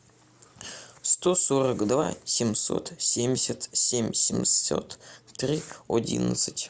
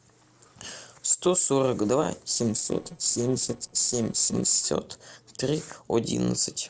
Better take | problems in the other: first | noise reduction (neural separator model SepFormer DNS4)

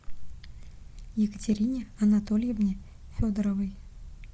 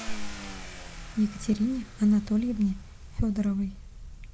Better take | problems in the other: first | background sound (Car); 18 dB below the speech

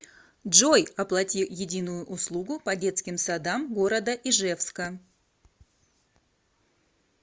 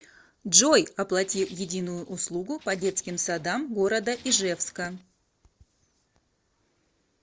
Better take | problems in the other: first | noise reduction (neural separator model SepFormer DNS4)

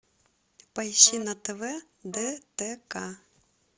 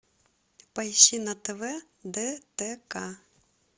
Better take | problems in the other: second | background sound (Wind instrument, woodwind instrument); 20 dB below the speech

